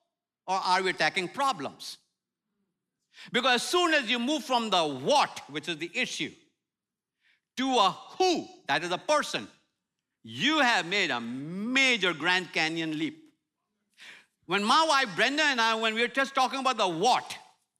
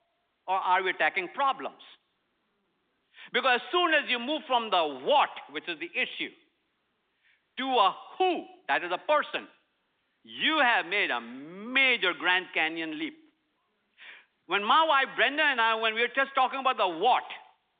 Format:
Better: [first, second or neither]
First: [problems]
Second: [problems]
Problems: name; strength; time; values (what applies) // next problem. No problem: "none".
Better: first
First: none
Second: phone-call audio; nothing above 3.5 kHz